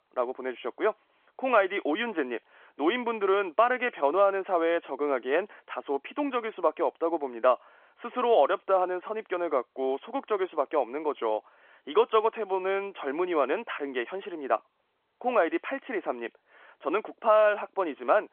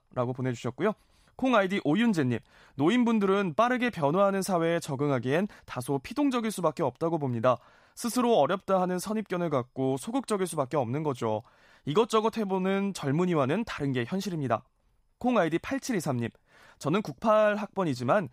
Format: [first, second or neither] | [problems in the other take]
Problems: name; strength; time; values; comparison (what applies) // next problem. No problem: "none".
second | phone-call audio; nothing above 3.5 kHz